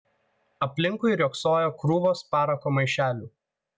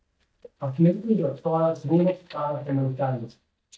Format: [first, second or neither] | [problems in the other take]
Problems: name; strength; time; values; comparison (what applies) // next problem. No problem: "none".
first | noise reduction (neural mask model DeepFilterNet 3)